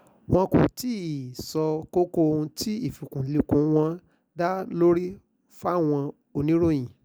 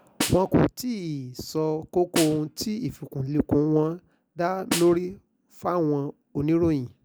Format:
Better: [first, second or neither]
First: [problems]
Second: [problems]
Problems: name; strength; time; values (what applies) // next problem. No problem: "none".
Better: first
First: none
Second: background sound (Snare drum); 10 dB below the speech